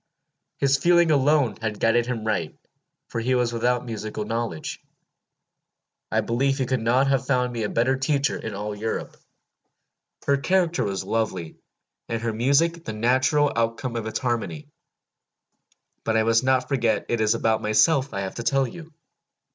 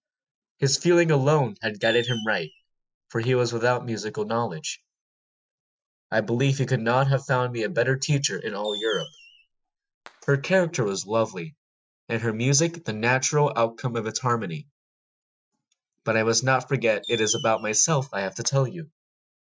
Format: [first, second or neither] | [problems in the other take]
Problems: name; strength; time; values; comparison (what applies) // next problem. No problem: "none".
first | noise reduction (classical method Wiener filter)